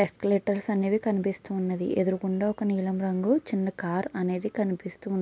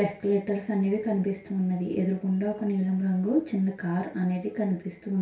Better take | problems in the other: first | room echo; dies away in 0.4 s

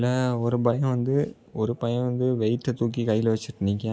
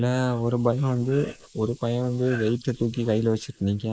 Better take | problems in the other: first | noise reduction (neural mask model Resemble Enhance denoiser)

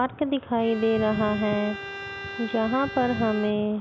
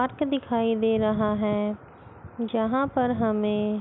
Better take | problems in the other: second | background sound (Bowed string instrument); 12 dB below the speech

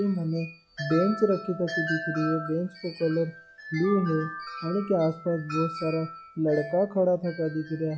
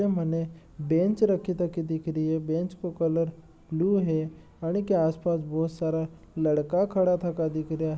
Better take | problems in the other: second | noise reduction (classical method log-MMSE)

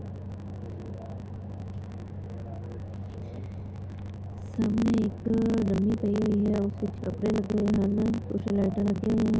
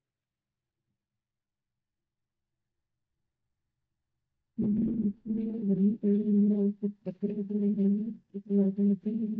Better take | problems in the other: first | noise reduction (neural mask model DeepFilterNet 3)

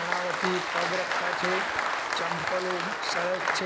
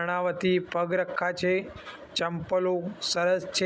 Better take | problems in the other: second | background sound (Applause); 4 dB above the speech

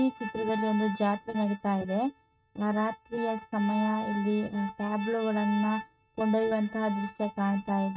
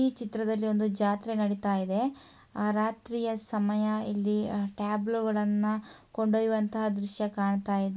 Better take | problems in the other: second | noise reduction (neural mask model RNNoise)

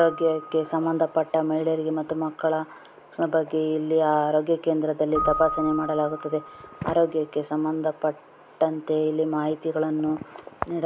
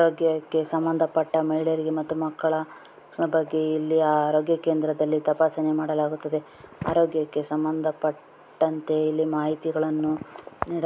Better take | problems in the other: second | background sound (Keyboard (musical)); 14 dB below the speech

